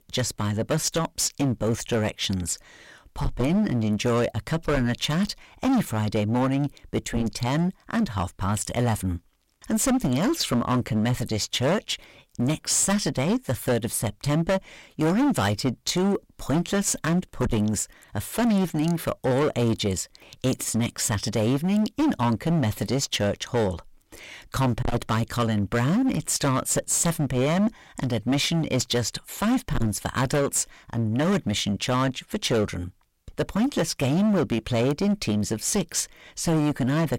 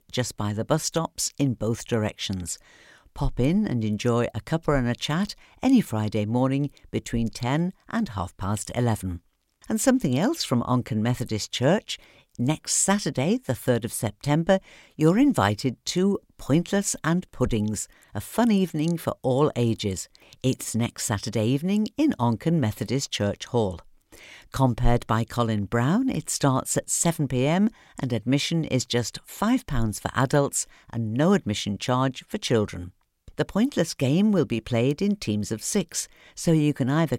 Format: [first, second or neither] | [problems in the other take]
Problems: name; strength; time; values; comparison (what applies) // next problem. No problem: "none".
second | distortion; heavy; 14% of the sound clipped